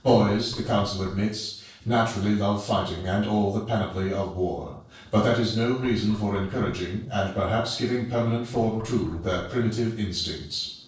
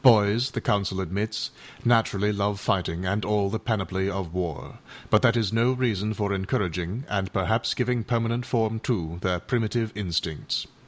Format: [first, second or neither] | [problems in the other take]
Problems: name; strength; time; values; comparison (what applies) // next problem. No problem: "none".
second | noise reduction (neural separator model SepFormer DNS4)